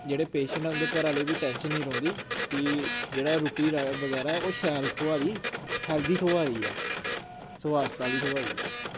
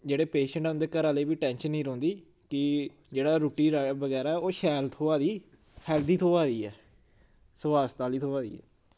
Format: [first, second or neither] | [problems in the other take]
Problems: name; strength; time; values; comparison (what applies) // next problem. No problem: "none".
second | background sound (Printer); 5 dB below the speech